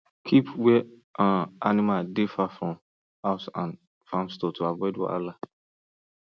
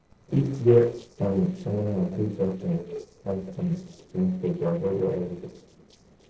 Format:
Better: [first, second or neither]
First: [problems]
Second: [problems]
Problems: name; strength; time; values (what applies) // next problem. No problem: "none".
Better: first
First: none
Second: noise reduction (neural separator model SepFormer DNS4)